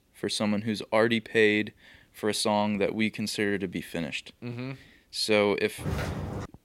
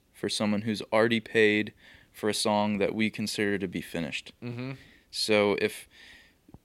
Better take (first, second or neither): second